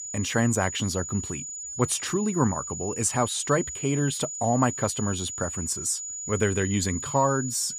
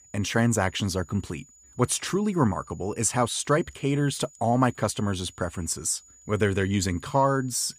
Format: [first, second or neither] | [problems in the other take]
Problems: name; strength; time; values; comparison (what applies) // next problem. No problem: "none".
second | high-pitched whine; loud; throughout; 7 kHz, 6 dB below the speech; faint in the second